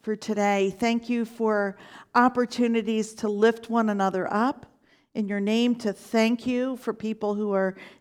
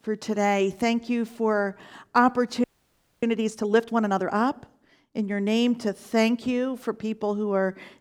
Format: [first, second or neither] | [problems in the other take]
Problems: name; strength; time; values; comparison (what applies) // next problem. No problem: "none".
first | audio freezing; at 2.5 s for 0.5 s